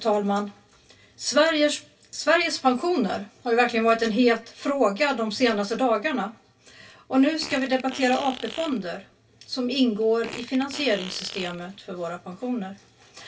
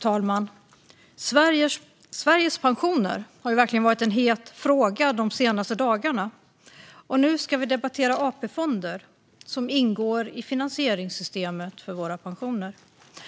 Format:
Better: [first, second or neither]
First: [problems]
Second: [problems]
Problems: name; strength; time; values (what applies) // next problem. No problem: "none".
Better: second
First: background sound (Fart); 15 dB below the speech // room echo; dies away in 0.2 s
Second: none